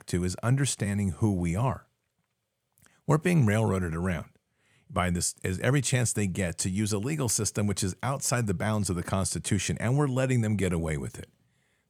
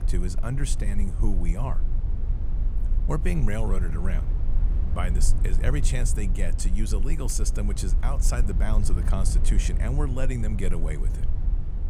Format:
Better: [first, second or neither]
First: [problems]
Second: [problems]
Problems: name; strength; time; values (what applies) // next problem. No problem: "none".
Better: first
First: none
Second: low rumble; noticeable; throughout; 10 dB below the speech